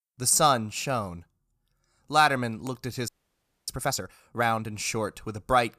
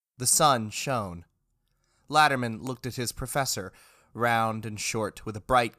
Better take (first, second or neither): second